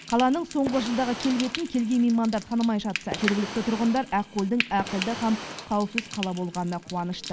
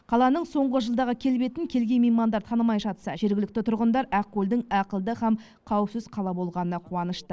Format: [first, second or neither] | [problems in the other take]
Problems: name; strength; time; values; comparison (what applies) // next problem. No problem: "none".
second | background sound (Fire + Frying (food)); 10 dB below the speech